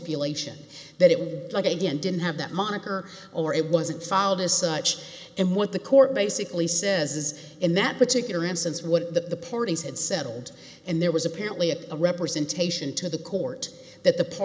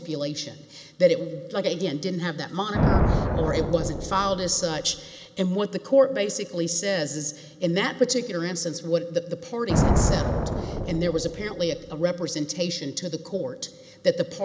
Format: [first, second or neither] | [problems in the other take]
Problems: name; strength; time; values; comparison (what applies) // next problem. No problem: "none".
first | background sound (Thunder); 3 dB below the speech